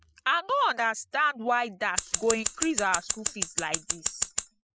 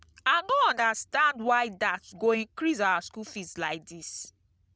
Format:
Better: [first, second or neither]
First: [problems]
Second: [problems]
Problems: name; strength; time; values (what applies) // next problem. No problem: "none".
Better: second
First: noise reduction (classical method Wiener filter)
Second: none